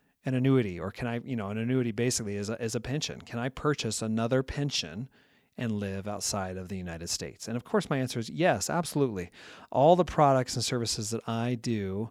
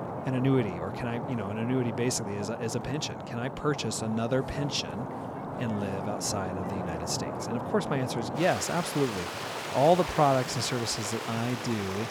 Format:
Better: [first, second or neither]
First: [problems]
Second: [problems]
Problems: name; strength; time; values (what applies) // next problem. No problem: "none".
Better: first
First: none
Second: rain or running water; loud; throughout; 6 dB below the speech